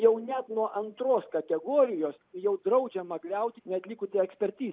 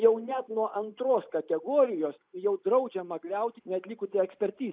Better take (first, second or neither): first